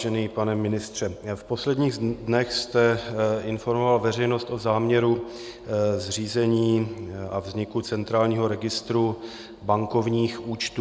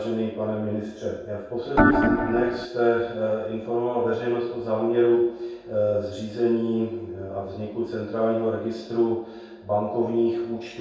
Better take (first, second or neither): first